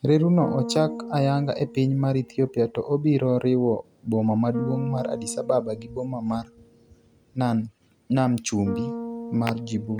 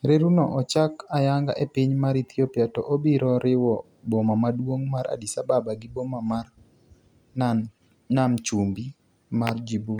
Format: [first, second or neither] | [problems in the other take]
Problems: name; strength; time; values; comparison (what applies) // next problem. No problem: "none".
second | background sound (Bass guitar); 13 dB below the speech